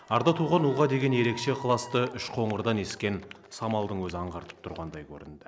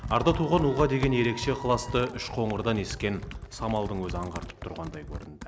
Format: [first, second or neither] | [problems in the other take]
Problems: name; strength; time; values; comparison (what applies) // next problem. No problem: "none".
first | background sound (Computer keyboard); 10 dB below the speech